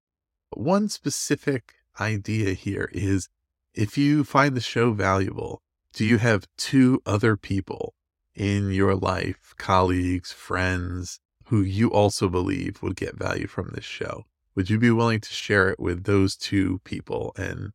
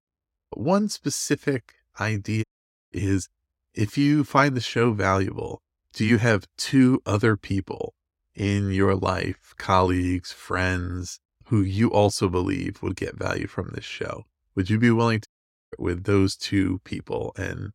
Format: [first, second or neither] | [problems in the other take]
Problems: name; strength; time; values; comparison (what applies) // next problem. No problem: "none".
first | audio cutting out; at 2.5 s and at 15 s